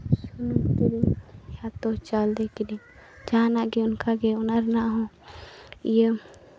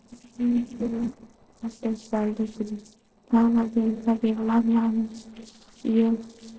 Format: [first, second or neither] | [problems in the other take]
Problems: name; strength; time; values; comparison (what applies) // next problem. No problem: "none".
first | noise reduction (neural separator model SepFormer DNS4)